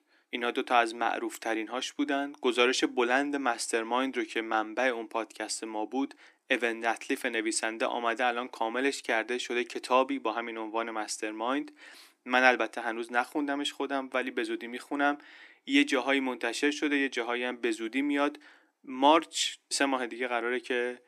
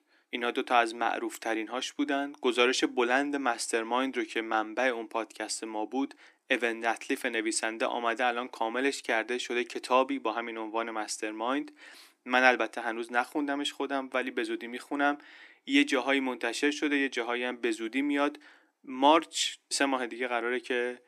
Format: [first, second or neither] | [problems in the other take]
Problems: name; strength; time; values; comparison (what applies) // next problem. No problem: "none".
neither | thin; somewhat; fading below 300 Hz; the same in both